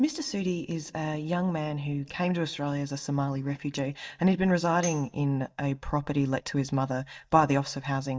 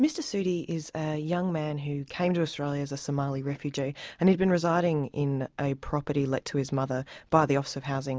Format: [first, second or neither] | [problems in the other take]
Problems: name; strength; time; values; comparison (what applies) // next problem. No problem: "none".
second | noise reduction (neural mask model DeepFilterNet 3)